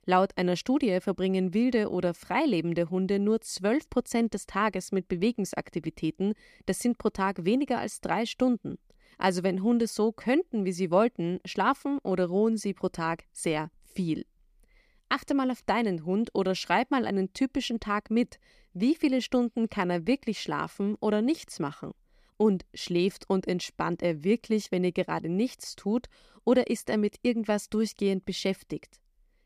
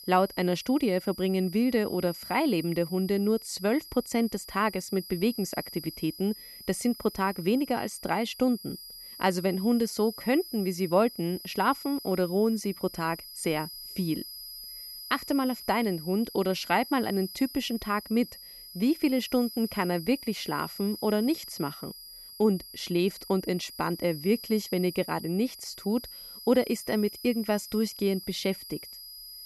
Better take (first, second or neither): first